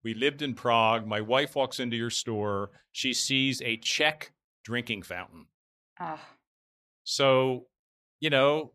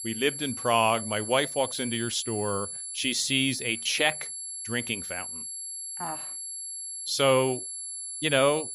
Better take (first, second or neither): first